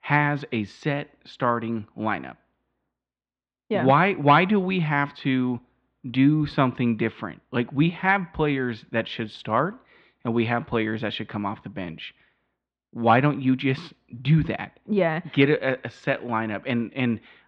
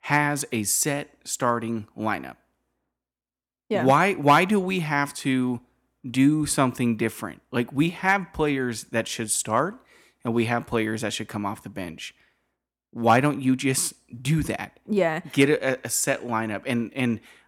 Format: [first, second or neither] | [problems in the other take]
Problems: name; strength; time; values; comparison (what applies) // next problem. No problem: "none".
second | muffled; very; fading above 3.5 kHz